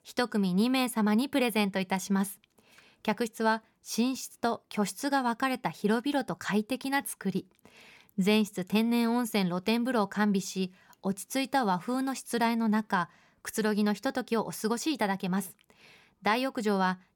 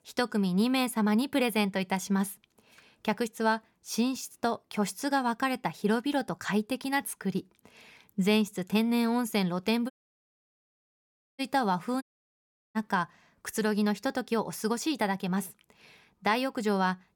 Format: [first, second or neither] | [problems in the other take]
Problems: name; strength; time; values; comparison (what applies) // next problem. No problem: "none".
first | audio cutting out; at 10 s for 1.5 s and at 12 s for 0.5 s